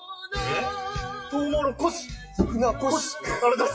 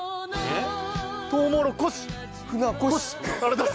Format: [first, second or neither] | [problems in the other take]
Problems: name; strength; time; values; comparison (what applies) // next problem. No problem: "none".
second | noise reduction (classical method WPE with log-MMSE)